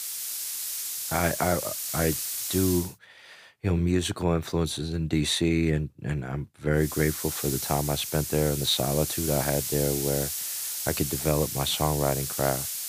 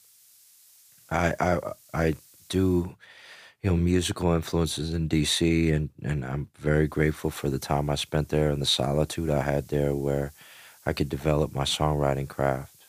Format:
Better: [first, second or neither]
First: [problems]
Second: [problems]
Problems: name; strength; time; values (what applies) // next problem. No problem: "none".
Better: second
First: hiss; loud; until 3 s and from 7 s on; 3 dB below the speech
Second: hiss; faint; until 3 s and from 7 s on; 25 dB below the speech